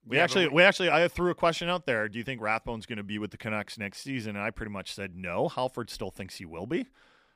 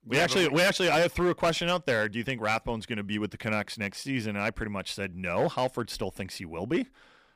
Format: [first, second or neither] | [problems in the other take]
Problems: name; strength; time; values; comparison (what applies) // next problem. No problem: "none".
first | distortion; heavy; 6% of the sound clipped